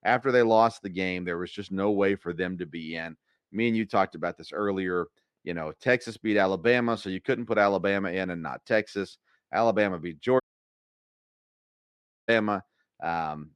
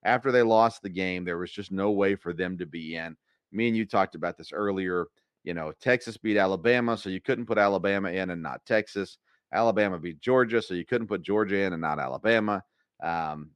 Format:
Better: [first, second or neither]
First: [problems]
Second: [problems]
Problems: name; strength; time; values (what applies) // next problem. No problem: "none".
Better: second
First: audio cutting out; at 10 s for 2 s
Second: none